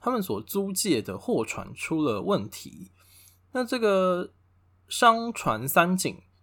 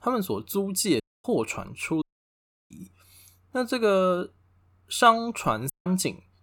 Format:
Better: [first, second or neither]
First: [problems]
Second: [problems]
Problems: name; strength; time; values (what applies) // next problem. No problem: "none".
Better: first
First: none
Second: audio cutting out; at 1 s, at 2 s for 0.5 s and at 5.5 s